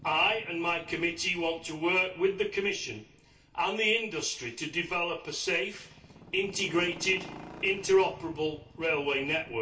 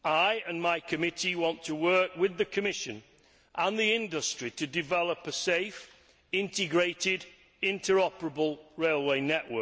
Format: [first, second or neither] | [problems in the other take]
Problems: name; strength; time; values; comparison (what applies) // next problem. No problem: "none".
second | background sound (Motorcycle); 20 dB below the speech // room echo; dies away in 0.3 s